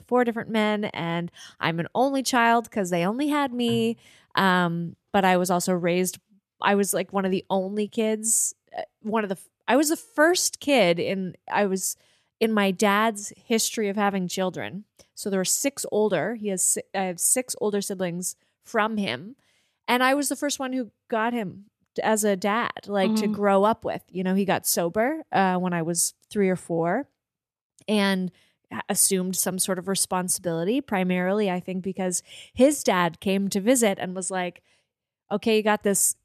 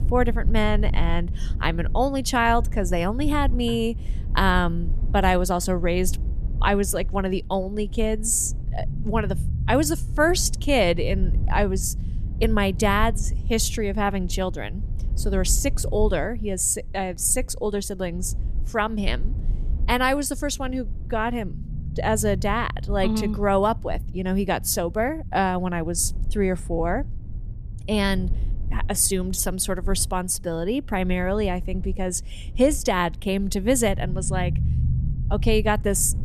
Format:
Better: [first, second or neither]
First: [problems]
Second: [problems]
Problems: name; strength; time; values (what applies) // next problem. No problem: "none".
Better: first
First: none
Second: low rumble; faint; throughout; 20 dB below the speech